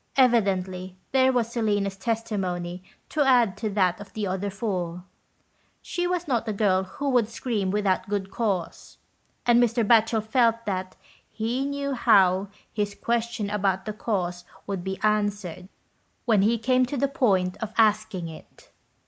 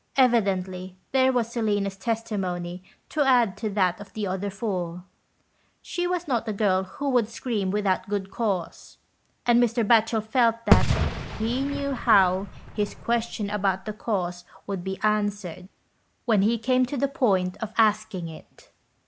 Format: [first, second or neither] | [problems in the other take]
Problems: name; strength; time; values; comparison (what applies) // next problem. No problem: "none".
first | background sound (Fireworks); 1 dB below the speech